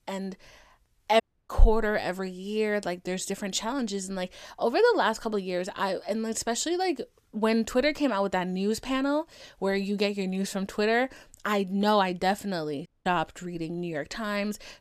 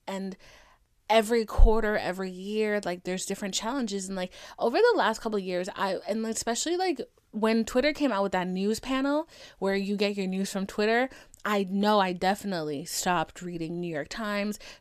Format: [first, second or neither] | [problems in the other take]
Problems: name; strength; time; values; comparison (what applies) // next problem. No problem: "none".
second | audio cutting out; at 1 s and at 13 s